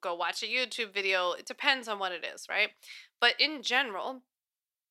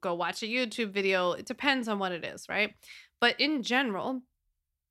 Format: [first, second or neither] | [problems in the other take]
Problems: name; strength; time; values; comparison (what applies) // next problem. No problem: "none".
second | thin; somewhat; fading below 500 Hz